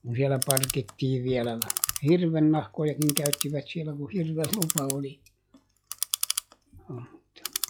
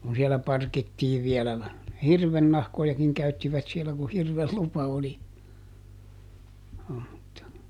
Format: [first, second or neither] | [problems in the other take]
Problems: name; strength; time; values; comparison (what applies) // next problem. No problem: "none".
second | noise reduction (classical method log-MMSE)